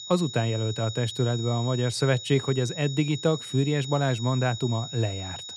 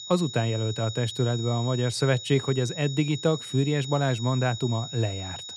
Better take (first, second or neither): neither